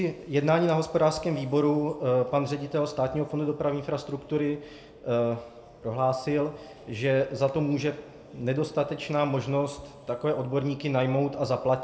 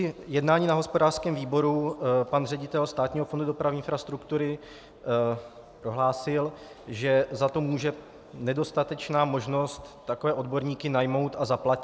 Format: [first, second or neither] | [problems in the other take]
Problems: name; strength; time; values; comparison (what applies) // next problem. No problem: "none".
second | room echo; dies away in 1.8 s